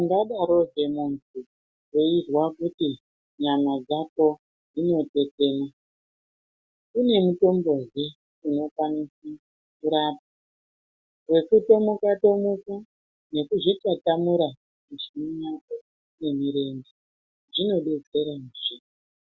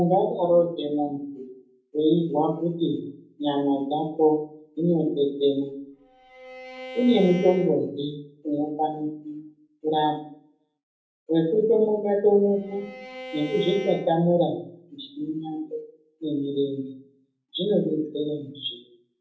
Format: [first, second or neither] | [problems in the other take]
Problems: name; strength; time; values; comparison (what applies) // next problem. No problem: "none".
first | background sound (Bowed string instrument); 14 dB below the speech // room echo; dies away in 0.6 s